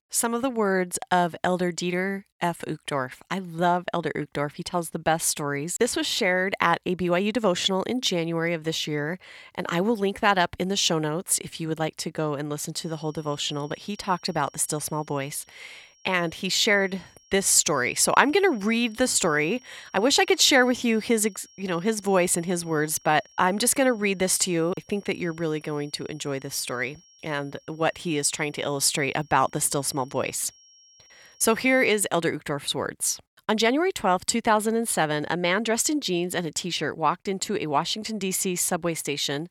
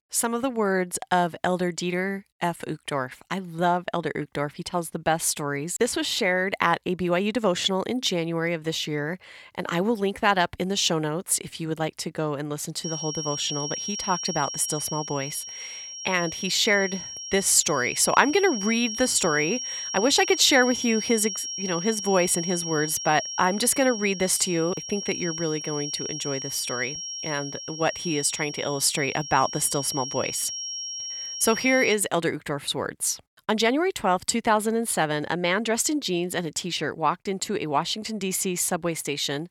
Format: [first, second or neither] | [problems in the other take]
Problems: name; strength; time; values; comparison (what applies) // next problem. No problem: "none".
first | high-pitched whine; loud; from 13 to 32 s; 5.5 kHz, 7 dB below the speech; faint in the first